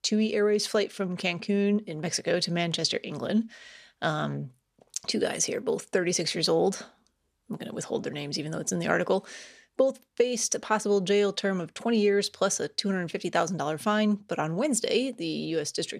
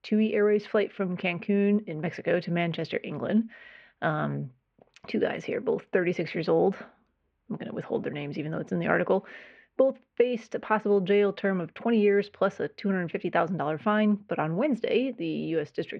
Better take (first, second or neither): first